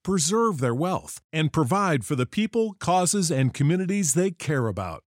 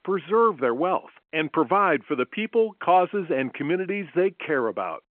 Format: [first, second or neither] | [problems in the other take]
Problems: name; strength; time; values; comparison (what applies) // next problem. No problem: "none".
first | phone-call audio